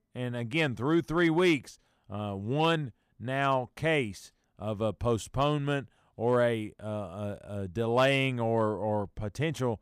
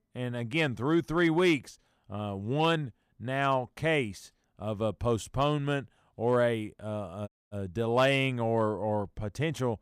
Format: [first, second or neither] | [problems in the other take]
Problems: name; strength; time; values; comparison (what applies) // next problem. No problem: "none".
first | audio cutting out; at 7.5 s